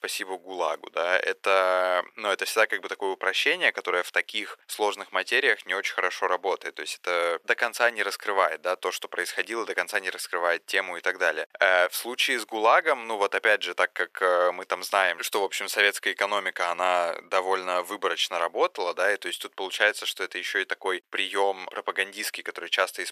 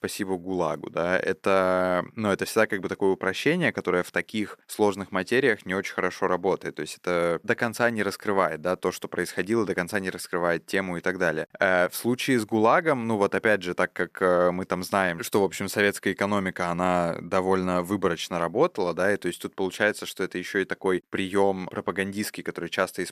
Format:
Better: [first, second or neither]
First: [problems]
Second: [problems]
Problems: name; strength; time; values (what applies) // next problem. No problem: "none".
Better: second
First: thin; very; fading below 500 Hz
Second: none